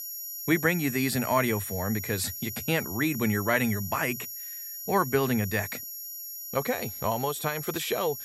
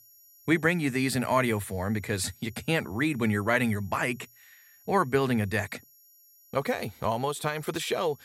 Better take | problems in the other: second | high-pitched whine; loud; throughout; 11.5 kHz, 7 dB below the speech; faint in the second

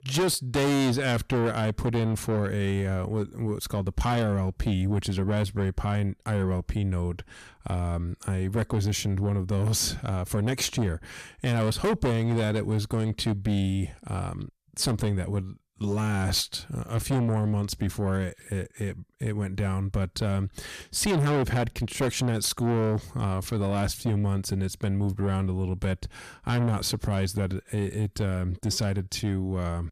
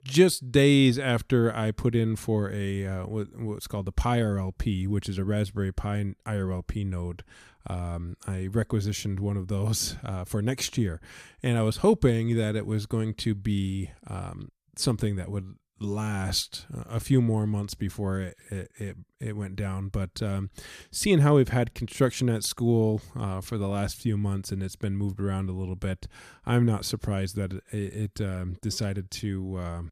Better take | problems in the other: second | distortion; heavy; 6 dB below the speech

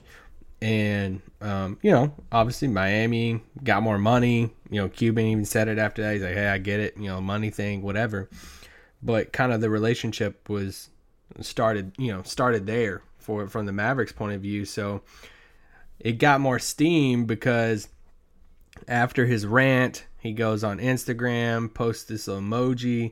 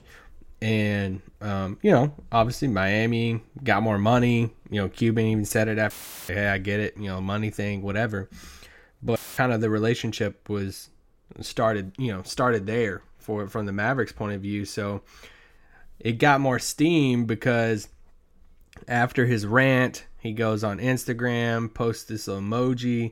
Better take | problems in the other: first | audio cutting out; filled with static; at 6 s and at 9 s

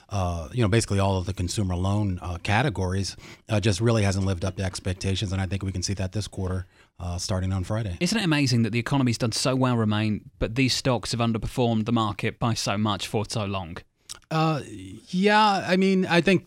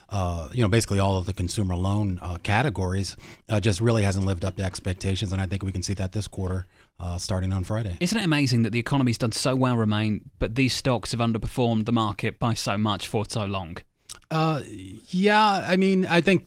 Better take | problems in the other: first | garbled, watery; slightly; nothing above 16 kHz

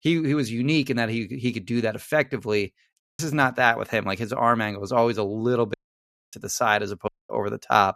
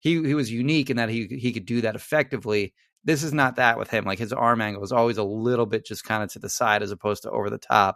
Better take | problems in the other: second | audio cutting out; at 3 s, at 5.5 s for 0.5 s and at 7 s

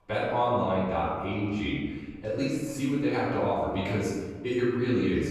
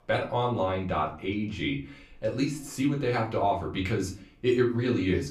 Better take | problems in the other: second | room echo; strong; dies away in 1.4 s; slight in the second // off-mic speech; far; far in the second

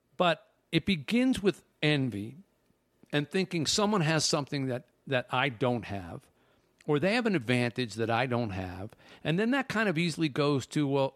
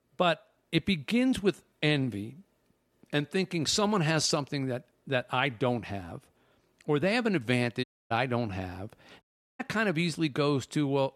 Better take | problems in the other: first | audio cutting out; at 8 s and at 9 s

